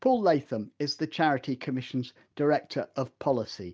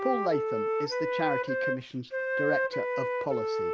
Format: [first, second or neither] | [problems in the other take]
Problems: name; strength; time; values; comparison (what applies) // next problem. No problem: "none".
first | background sound (Wind instrument, woodwind instrument); 3 dB above the speech